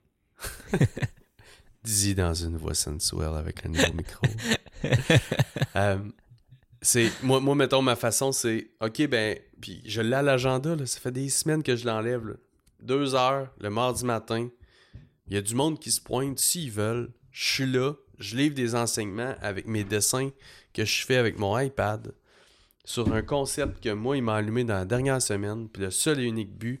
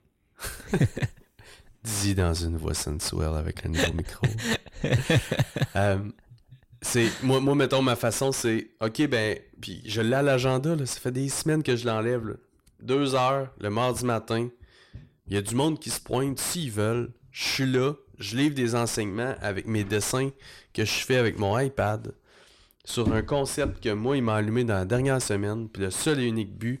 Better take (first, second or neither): first